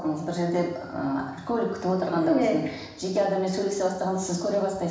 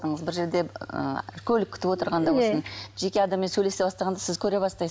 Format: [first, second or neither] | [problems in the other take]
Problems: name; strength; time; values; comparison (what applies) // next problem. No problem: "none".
second | room echo; dies away in 0.9 s